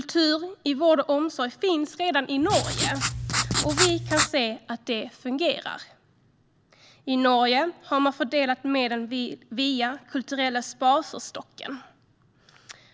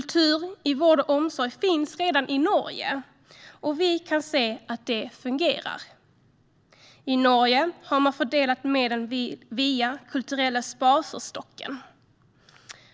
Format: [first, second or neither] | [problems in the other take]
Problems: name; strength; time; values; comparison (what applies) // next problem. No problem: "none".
second | background sound (Writing); as loud as the speech